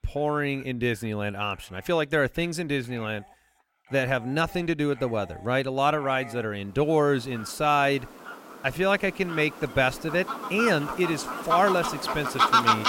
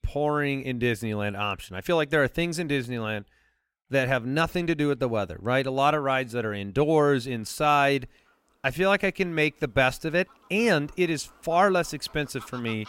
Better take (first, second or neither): second